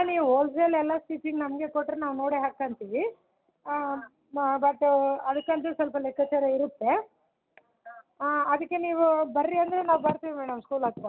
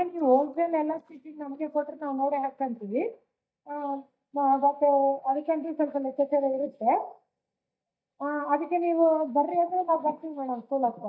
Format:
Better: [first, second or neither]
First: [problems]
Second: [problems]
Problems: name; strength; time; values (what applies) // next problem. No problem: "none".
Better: first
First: none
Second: noise reduction (neural mask model DeepFilterNet 3)